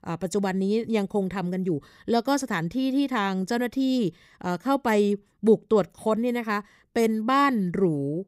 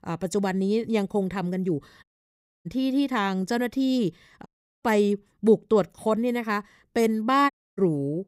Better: first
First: none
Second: audio cutting out; at 2 s for 0.5 s, at 4.5 s and at 7.5 s

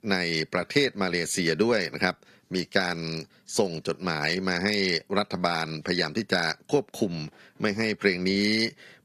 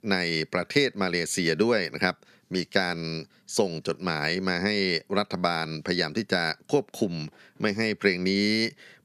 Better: second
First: garbled, watery; slightly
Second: none

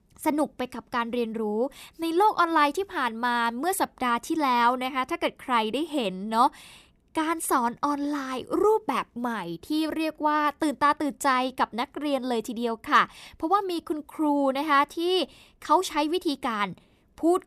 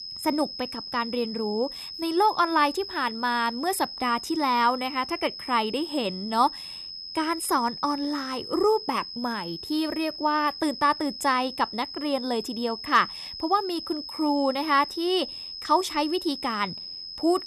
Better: first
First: none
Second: high-pitched whine; loud; throughout; 5 kHz, 9 dB below the speech

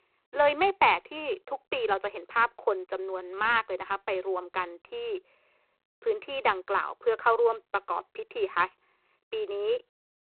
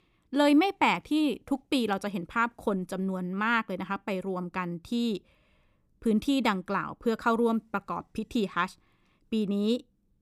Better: second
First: phone-call audio; poor line; nothing above 4 kHz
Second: none

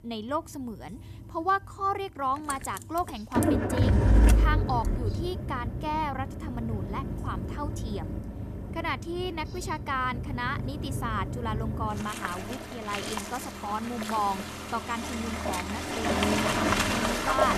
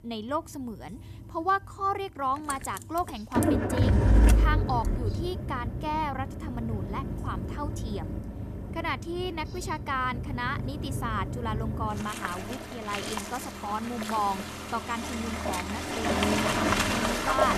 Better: neither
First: traffic noise; very loud; throughout; 3 dB above the speech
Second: traffic noise; very loud; throughout; 3 dB above the speech

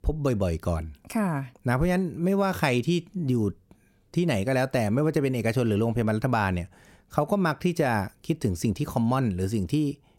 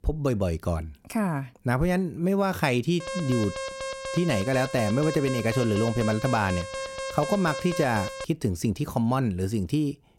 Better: first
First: none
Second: alarm; noticeable; from 3 to 8.5 s; peak 6 dB below the speech

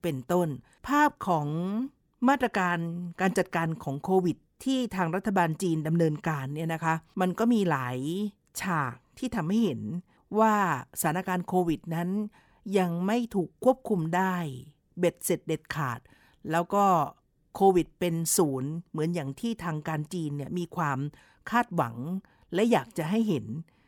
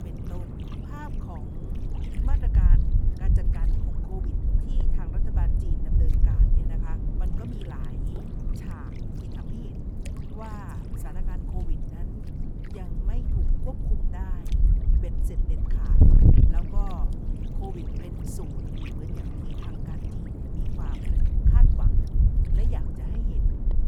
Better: first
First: none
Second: wind noise on the microphone; heavy; 4 dB above the speech

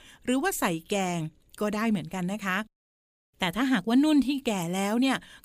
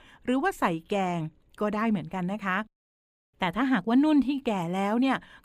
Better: first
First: none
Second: muffled; slightly; fading above 3.5 kHz

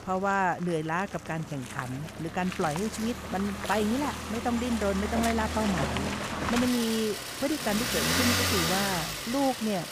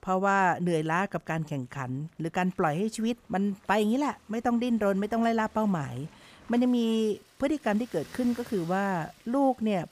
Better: second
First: traffic noise; loud; throughout; as loud as the speech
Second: traffic noise; faint; throughout; 25 dB below the speech

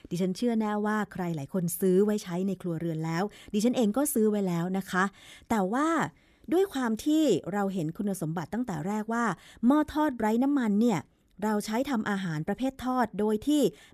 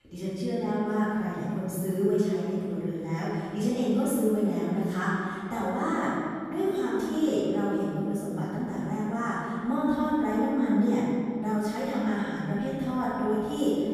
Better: first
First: none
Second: room echo; strong; dies away in 2.1 s // off-mic speech; far

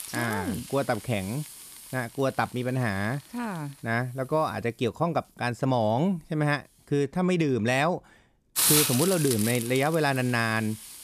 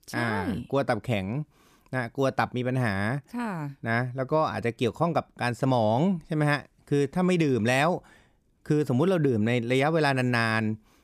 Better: second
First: hiss; loud; throughout; 1 dB below the speech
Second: none

